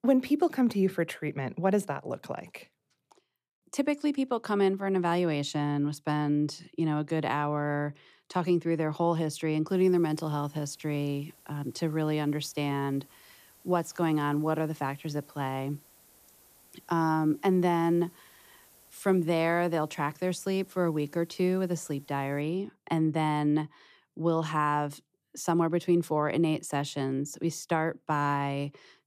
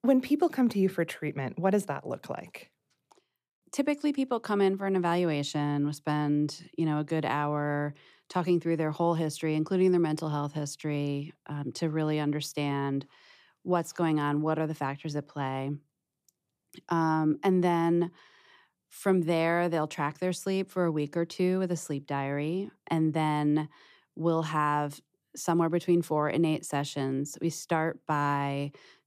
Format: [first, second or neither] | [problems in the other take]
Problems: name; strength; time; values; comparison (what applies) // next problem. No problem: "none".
second | hiss; faint; from 9.5 to 22 s; 25 dB below the speech